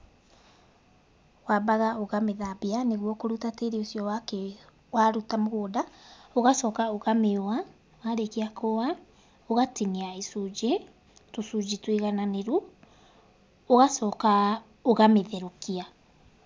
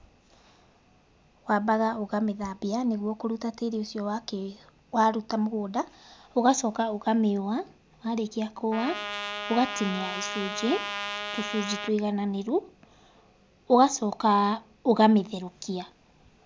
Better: first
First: none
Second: background sound (Trumpet); 7 dB below the speech

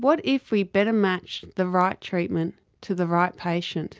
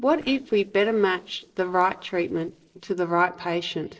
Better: first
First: none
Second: noise reduction (neural separator model SepFormer DNS4)

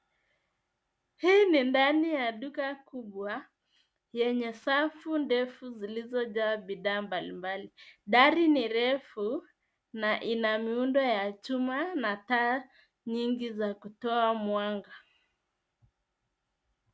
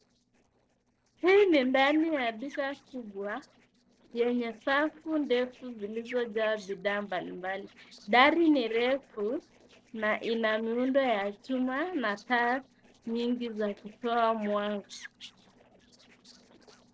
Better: first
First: none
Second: noise reduction (neural separator model SepFormer DNS4)

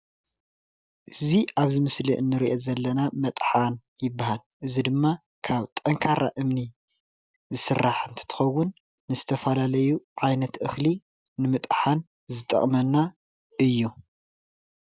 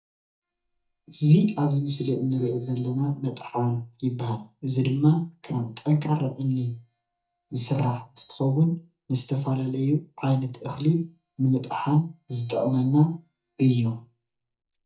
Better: first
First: none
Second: noise reduction (neural mask model DeepFilterNet 3)

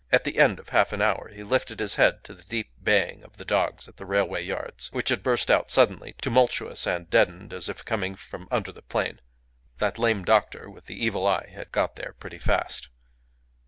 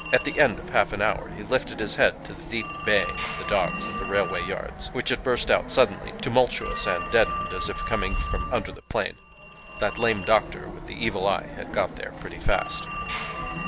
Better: first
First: none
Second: background sound (Telephone); 7 dB below the speech

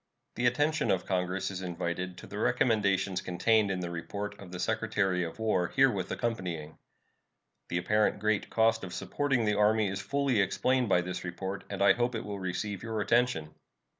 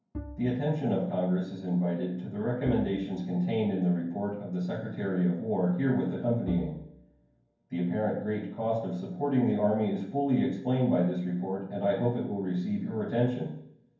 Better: first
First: none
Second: background sound (Bowed string instrument); 16 dB below the speech // room echo; dies away in 0.9 s

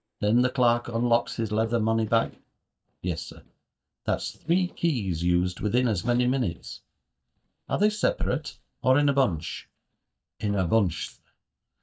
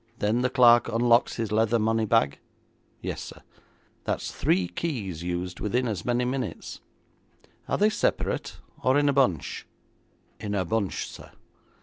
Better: second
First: noise reduction (neural mask model DeepFilterNet 3)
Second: none

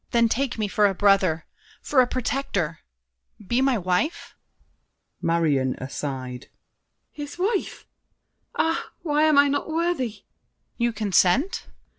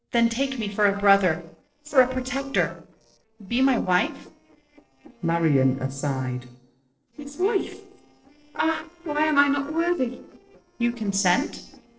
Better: first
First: none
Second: noise reduction (neural separator model SepFormer DNS4)

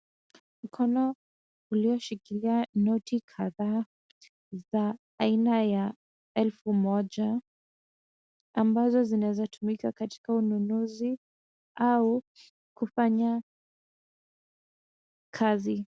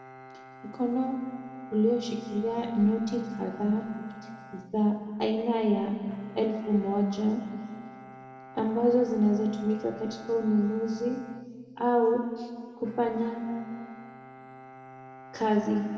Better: first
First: none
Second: background sound (Bowed string instrument); 19 dB below the speech // room echo; dies away in 2 s

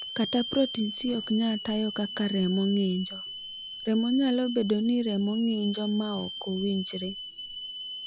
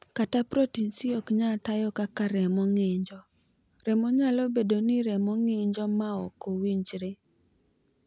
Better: second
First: background sound (Hiss / Alarm); 10 dB below the speech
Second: none

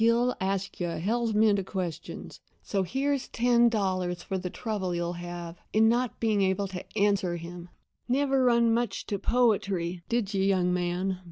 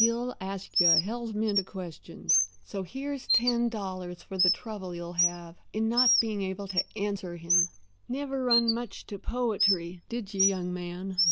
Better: first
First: none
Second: background sound (Bird); as loud as the speech

